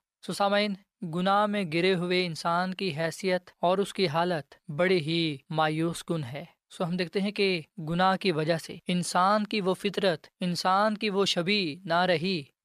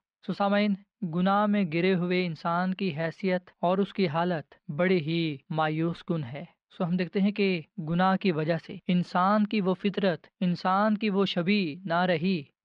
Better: first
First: none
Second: muffled; slightly; fading above 3.5 kHz

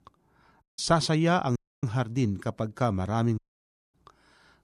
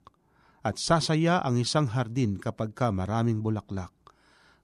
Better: second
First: audio cutting out; at 0.5 s, at 1.5 s and at 3.5 s for 0.5 s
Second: none

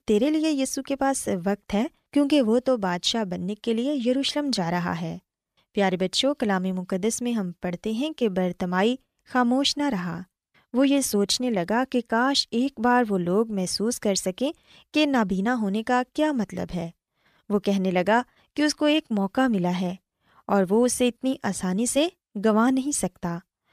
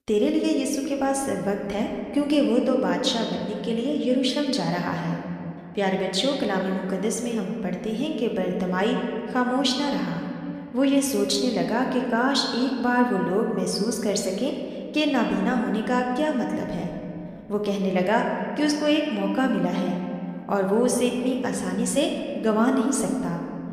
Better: first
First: none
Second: room echo; slight; dies away in 2.4 s

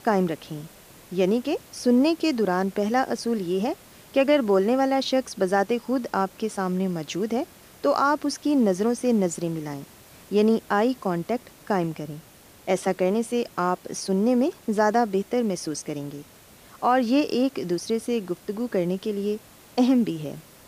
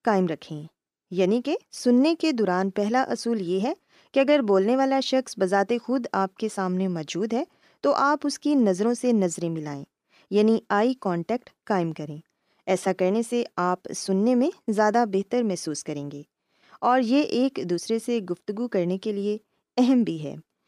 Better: second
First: hiss; faint; throughout; 25 dB below the speech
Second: none

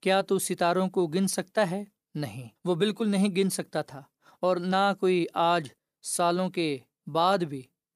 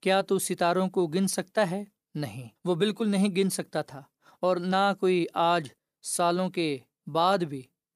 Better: neither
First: none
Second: none

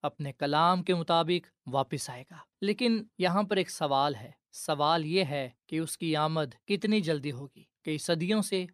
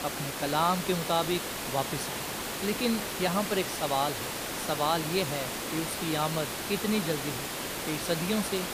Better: first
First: none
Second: hiss; loud; throughout; 2 dB below the speech

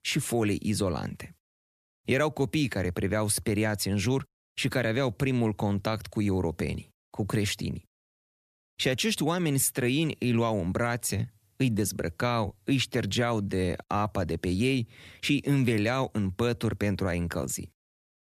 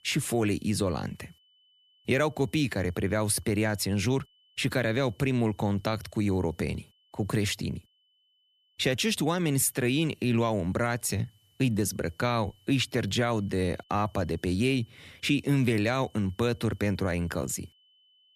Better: first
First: none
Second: high-pitched whine; faint; throughout; 3 kHz, 35 dB below the speech

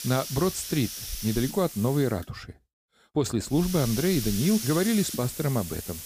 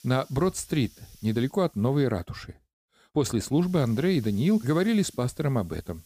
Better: second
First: hiss; loud; until 2 s and from 3.5 s on; 7 dB below the speech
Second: hiss; faint; until 2 s and from 3.5 s on; 25 dB below the speech

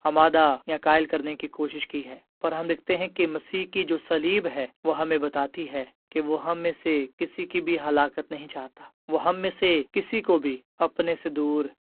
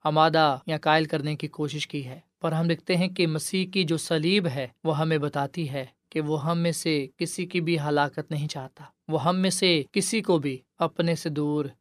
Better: second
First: phone-call audio; poor line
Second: none

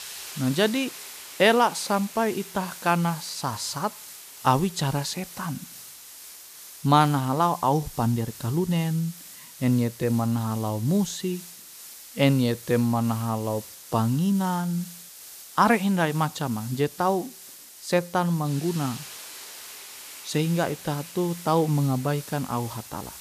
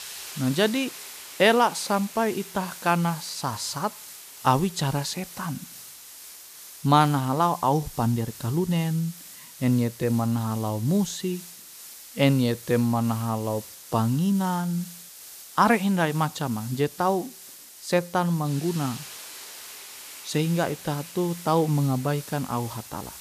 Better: neither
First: hiss; noticeable; throughout; 15 dB below the speech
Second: hiss; noticeable; throughout; 15 dB below the speech

